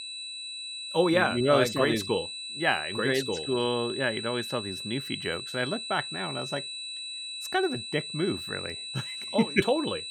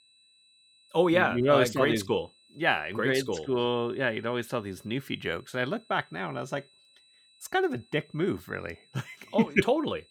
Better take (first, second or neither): second